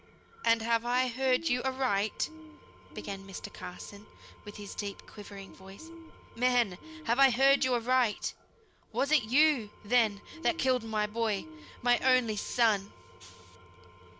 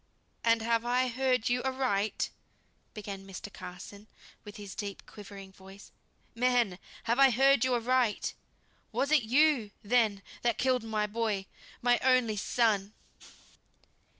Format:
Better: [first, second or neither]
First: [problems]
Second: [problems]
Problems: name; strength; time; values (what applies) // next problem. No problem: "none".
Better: second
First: background sound (Engine / Tools + Bird); 18 dB below the speech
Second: none